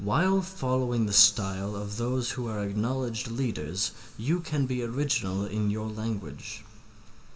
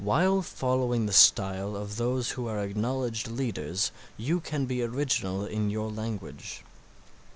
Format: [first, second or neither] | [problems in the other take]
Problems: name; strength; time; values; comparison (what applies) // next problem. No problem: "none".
second | room echo; dies away in 1.8 s